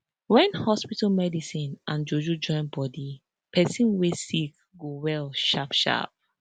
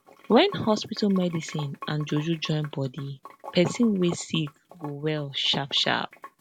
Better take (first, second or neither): first